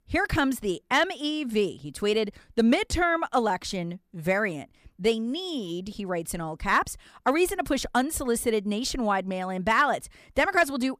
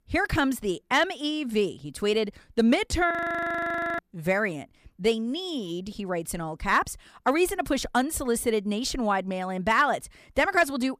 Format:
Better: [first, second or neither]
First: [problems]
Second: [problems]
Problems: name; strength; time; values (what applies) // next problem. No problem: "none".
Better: first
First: none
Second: audio freezing; at 3 s for 1 s